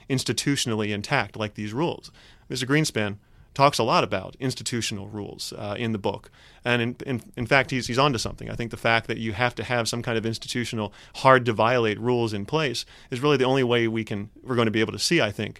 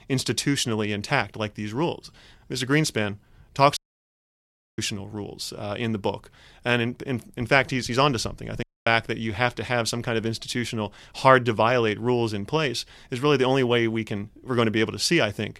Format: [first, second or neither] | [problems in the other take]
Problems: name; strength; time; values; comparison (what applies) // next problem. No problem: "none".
first | audio cutting out; at 4 s for 1 s and at 8.5 s